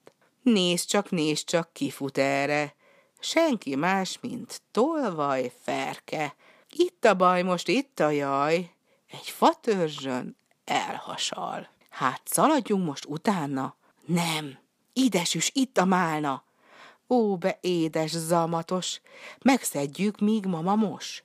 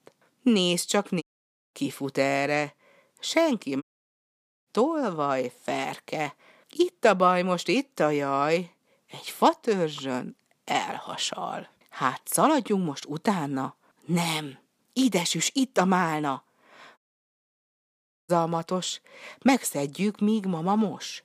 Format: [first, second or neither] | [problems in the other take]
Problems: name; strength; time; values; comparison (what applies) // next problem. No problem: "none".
first | audio cutting out; at 1 s for 0.5 s, at 4 s for 1 s and at 17 s for 1.5 s